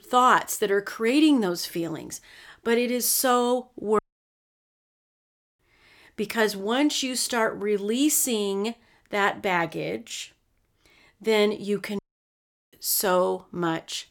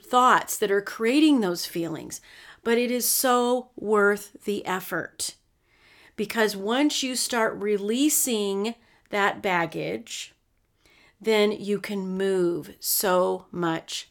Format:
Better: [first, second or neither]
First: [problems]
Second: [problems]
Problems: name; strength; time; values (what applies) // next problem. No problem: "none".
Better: second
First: audio cutting out; at 4 s for 1.5 s and at 12 s for 0.5 s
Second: none